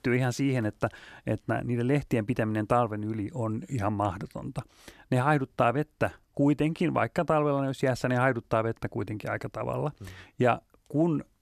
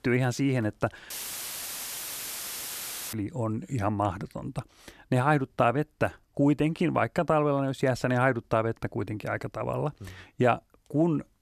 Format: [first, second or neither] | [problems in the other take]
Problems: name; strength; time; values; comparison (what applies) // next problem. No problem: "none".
first | audio cutting out; filled with static; at 1 s for 2 s